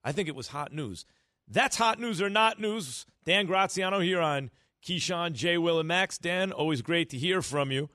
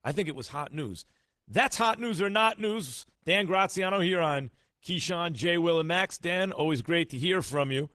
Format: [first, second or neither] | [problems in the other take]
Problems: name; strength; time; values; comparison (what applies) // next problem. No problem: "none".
first | garbled, watery; slightly; nothing above 14.5 kHz